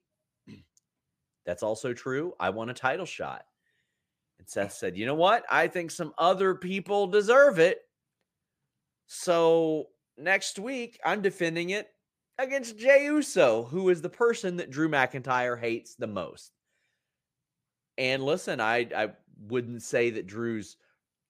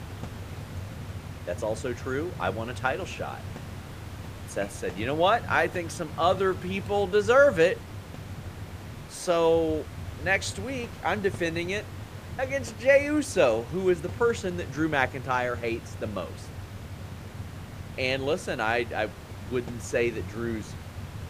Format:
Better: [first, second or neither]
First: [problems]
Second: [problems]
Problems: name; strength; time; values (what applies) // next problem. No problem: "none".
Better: first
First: none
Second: hiss; noticeable; throughout; 15 dB below the speech